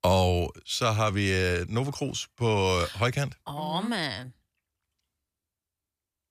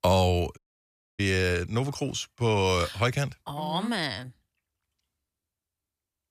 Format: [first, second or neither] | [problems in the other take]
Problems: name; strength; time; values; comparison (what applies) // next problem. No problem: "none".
first | audio cutting out; at 0.5 s for 0.5 s